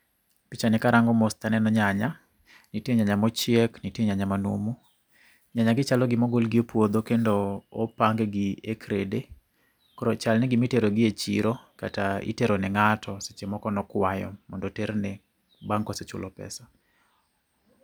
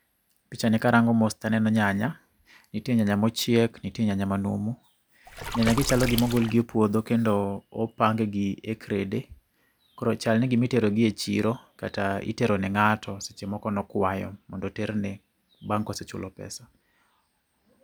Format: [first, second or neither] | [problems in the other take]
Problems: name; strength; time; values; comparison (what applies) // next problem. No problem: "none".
first | background sound (Water / Splash, splatter); 6 dB below the speech